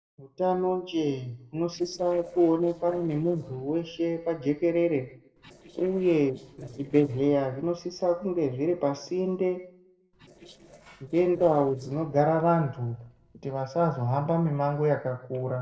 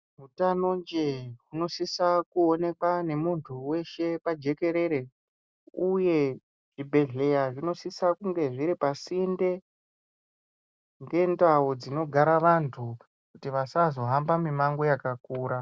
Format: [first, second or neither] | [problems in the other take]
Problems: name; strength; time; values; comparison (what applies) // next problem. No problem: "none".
second | noise reduction (neural separator model SepFormer DNS4)